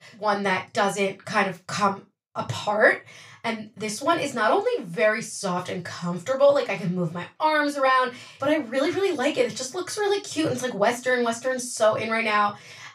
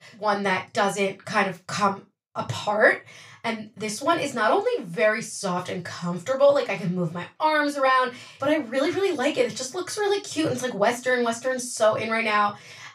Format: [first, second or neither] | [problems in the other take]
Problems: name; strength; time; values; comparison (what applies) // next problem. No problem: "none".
neither | room echo; very slight; dies away in 0.2 s; the same in both // off-mic speech; far; the same in both